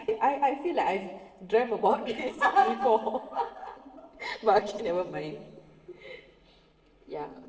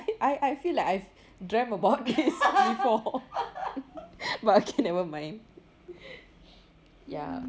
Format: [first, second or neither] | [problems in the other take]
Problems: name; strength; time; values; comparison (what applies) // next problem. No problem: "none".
second | noise reduction (neural separator model SepFormer DNS4)